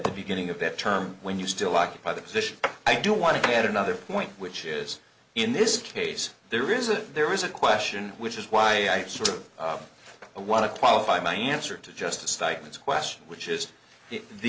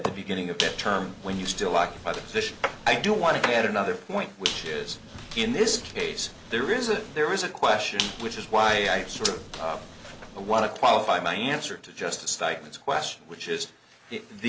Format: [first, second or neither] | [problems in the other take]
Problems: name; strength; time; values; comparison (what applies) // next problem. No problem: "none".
first | background sound (Squeak); 10 dB below the speech